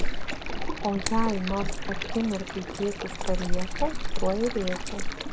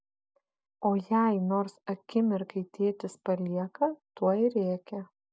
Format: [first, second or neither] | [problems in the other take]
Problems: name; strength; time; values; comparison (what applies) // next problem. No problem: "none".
second | background sound (Keys jangling + Stream); 4 dB above the speech